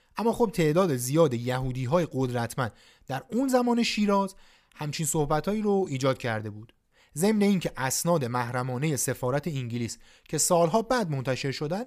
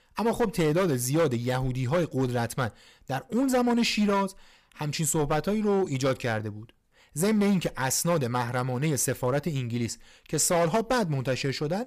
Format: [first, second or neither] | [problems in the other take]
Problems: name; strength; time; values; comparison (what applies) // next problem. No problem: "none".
first | distortion; slight; 7% of the sound clipped